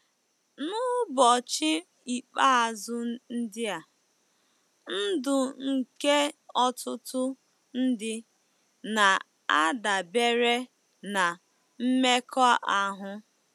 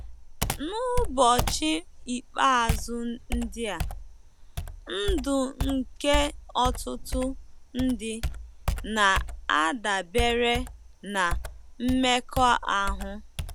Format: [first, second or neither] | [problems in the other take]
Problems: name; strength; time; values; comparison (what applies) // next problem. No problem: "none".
first | background sound (Computer keyboard); 5 dB below the speech